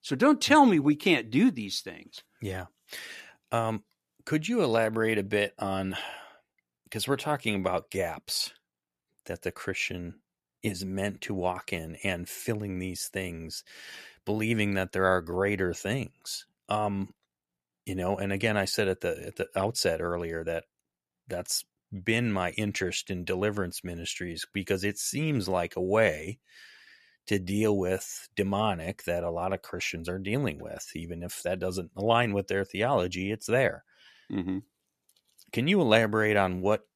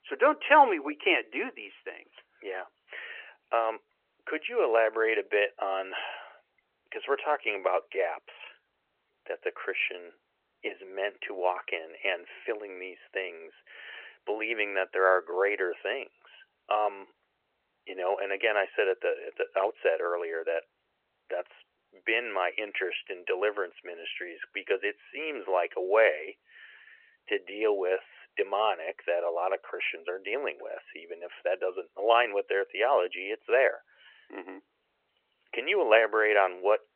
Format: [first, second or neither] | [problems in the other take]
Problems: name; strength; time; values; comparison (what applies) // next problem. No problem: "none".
first | phone-call audio; nothing above 3 kHz